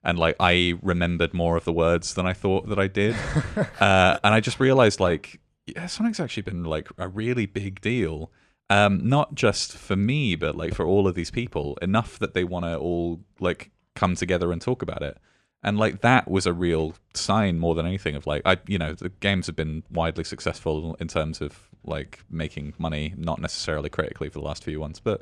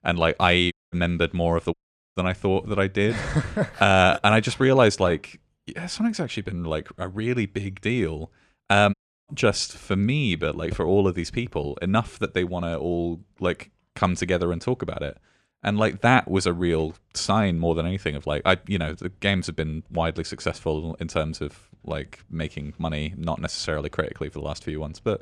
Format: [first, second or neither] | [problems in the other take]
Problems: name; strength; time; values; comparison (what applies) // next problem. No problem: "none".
first | audio cutting out; at 0.5 s, at 1.5 s and at 9 s